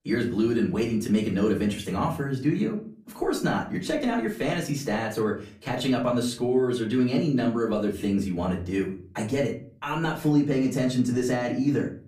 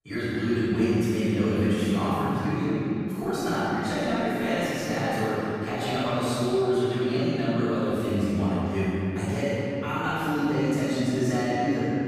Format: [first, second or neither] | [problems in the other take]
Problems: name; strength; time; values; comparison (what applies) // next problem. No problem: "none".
first | room echo; strong; dies away in 3 s; slight in the first // off-mic speech; far; far in the first